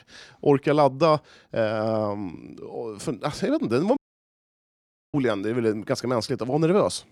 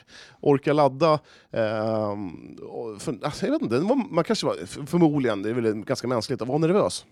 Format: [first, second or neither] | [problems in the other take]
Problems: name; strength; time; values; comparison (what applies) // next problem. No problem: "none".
second | audio cutting out; at 4 s for 1 s